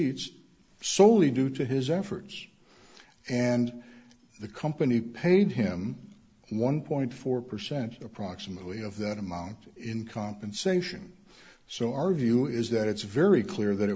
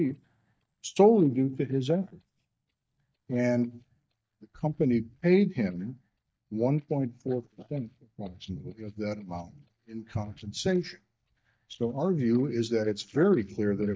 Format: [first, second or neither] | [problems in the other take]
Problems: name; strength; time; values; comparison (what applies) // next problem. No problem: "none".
first | noise reduction (neural mask model DeepFilterNet 3)